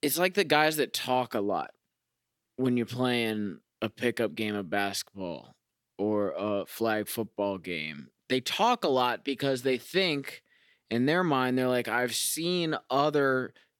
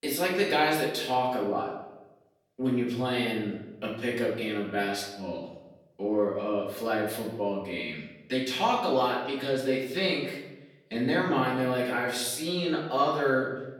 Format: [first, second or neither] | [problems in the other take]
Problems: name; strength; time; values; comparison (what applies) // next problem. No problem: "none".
first | room echo; noticeable; dies away in 0.8 s // off-mic speech; far